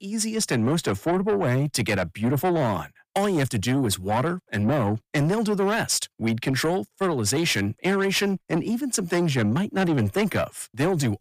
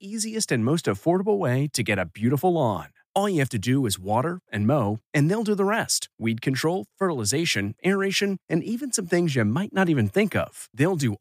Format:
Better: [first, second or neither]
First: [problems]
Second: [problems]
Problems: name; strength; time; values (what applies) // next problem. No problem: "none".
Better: second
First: distortion; slight; 10 dB below the speech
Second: none